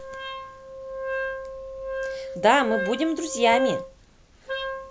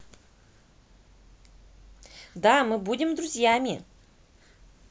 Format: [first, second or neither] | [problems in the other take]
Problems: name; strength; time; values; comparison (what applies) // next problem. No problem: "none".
second | background sound (Wind instrument, woodwind instrument); 4 dB below the speech